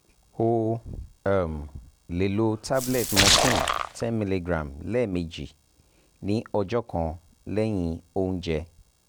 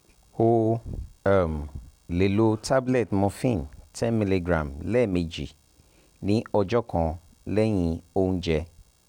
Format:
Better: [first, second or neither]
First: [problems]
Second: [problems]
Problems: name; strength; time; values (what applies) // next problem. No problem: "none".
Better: second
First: background sound (Splash, splatter); 4 dB above the speech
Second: none